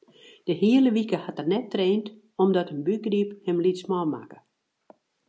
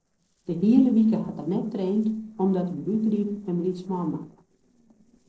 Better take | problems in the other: first | noise reduction (neural separator model SepFormer DNS4)

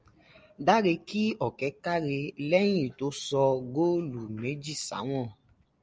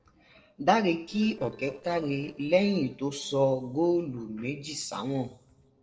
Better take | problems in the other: first | noise reduction (neural separator model SepFormer DNS4)

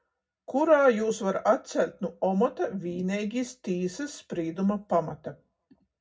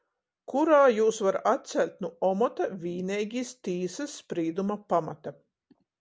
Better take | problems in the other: second | room echo; dies away in 0.4 s

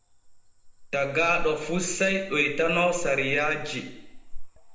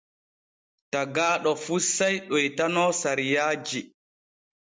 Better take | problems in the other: second | background sound (Cricket / Frog); 9 dB below the speech // room echo; dies away in 0.8 s

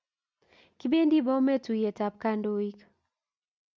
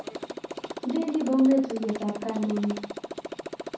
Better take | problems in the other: first | background sound (Motorcycle); 9 dB below the speech // room echo; dies away in 0.6 s

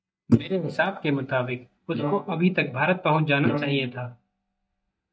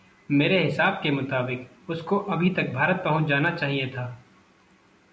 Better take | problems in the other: second | noise reduction (neural mask model DeepFilterNet 3)

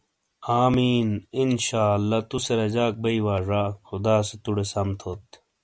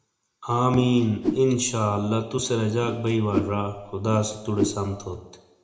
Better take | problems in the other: first | background sound (Whoosh, swoosh, swish); 7 dB below the speech // room echo; dies away in 0.6 s

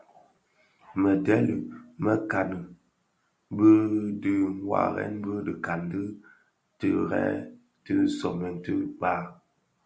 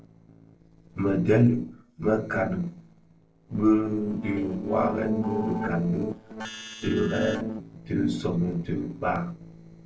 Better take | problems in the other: first | noise reduction (neural separator model SepFormer DNS4)

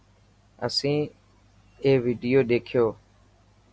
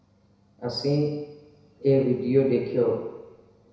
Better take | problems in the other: first | room echo; dies away in 1 s

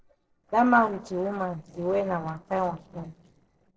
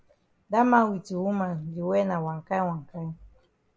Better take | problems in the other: second | noise reduction (neural separator model SepFormer DNS4)

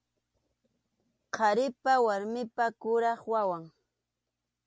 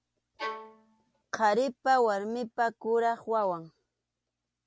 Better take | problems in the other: first | background sound (Bowed string instrument); 10 dB below the speech

